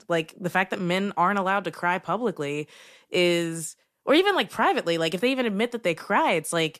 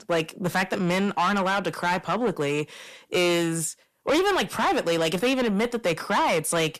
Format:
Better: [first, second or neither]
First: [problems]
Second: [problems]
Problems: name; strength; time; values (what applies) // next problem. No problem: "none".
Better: first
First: none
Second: distortion; heavy; 7 dB below the speech